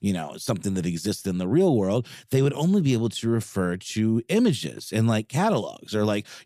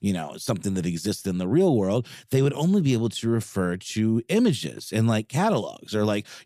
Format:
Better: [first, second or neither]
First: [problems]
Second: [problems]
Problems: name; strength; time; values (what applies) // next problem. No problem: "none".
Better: neither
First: none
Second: none